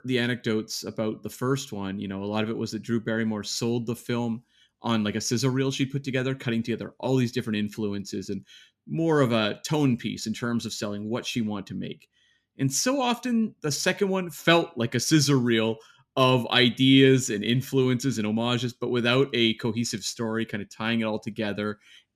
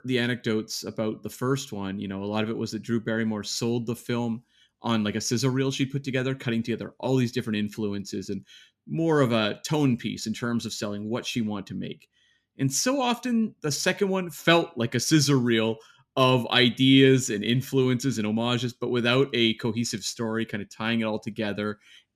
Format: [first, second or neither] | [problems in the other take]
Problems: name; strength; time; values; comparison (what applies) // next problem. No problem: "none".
neither | none